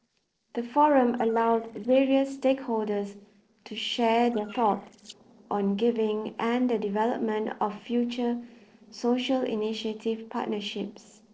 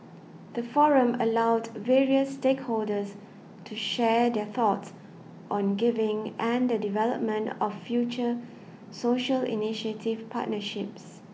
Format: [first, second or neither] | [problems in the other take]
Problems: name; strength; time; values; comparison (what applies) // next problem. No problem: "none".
second | noise reduction (neural separator model SepFormer DNS4)